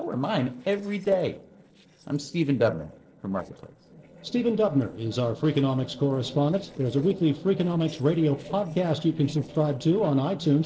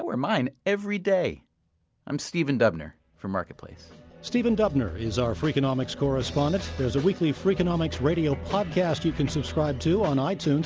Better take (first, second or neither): second